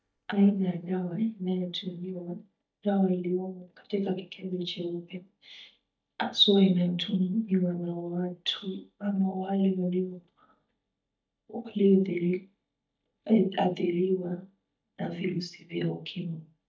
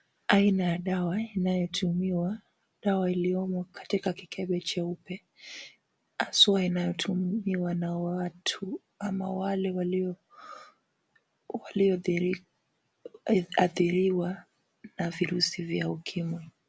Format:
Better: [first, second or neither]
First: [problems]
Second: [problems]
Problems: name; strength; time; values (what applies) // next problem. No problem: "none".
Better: second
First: noise reduction (neural mask model DeepFilterNet 3)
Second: none